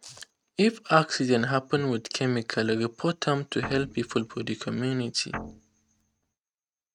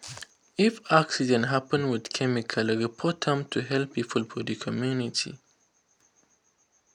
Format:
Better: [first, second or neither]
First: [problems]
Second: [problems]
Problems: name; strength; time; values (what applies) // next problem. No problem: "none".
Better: second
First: noise reduction (neural mask model RNNoise)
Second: none